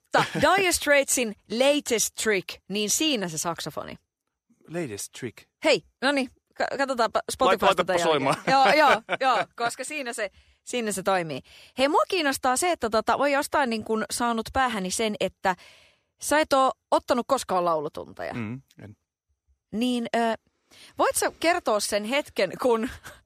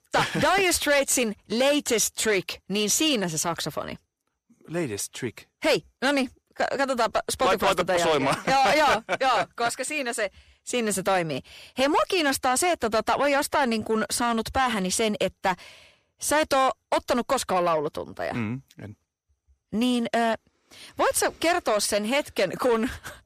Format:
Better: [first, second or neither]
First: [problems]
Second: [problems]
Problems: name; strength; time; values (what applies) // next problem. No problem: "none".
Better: first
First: none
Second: distortion; slight; 10 dB below the speech